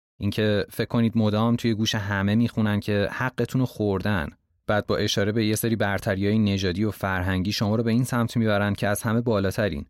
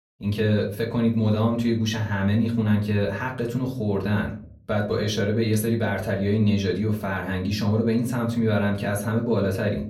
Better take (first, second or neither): first